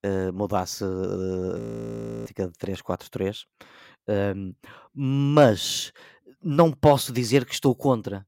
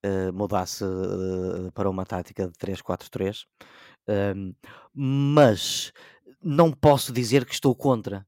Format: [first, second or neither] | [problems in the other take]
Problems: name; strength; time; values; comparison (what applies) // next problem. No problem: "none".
second | audio freezing; at 1.5 s for 0.5 s